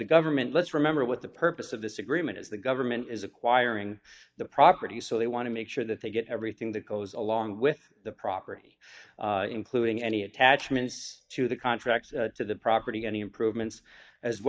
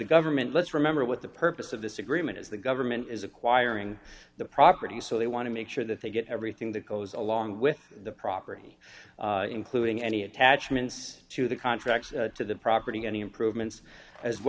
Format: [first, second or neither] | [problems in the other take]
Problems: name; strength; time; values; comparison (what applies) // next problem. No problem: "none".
second | noise reduction (neural mask model DeepFilterNet 3)